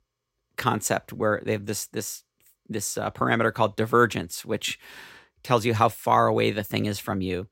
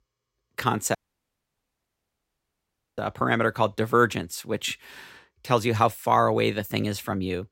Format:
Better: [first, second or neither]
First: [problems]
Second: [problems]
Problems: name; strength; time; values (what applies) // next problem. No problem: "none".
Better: first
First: none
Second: audio cutting out; at 1 s for 2 s